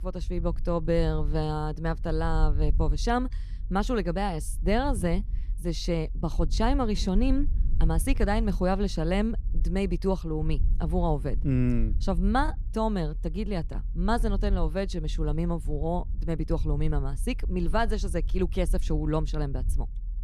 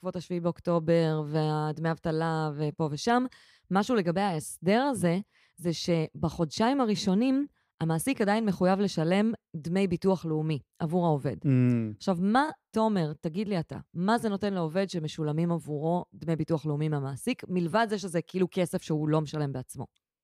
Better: second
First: low rumble; faint; throughout; 20 dB below the speech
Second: none

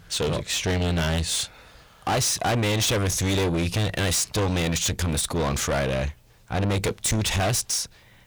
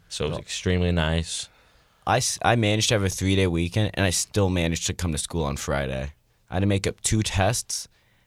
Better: second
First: distortion; heavy; 5 dB below the speech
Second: none

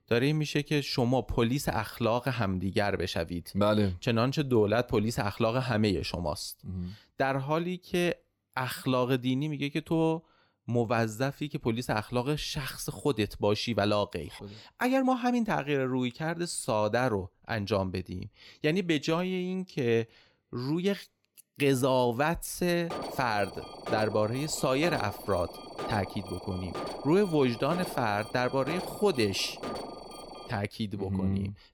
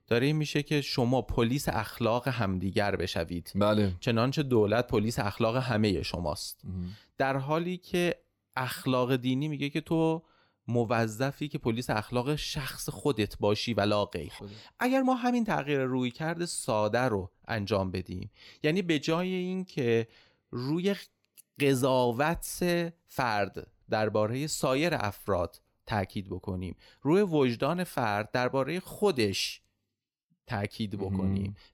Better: second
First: alarm; noticeable; from 23 to 31 s; peak 8 dB below the speech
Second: none

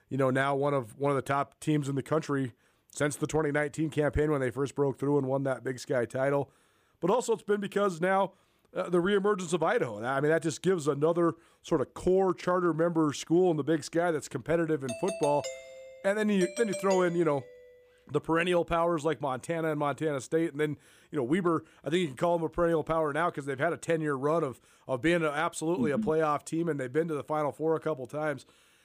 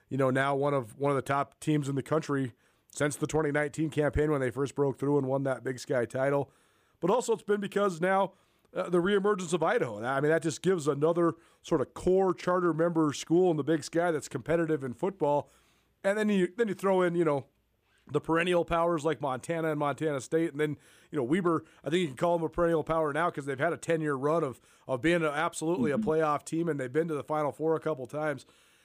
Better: second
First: doorbell; noticeable; from 15 to 18 s; peak 8 dB below the speech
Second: none

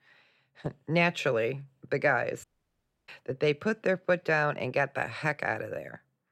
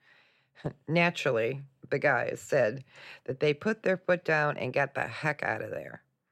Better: second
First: audio cutting out; at 2.5 s for 0.5 s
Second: none

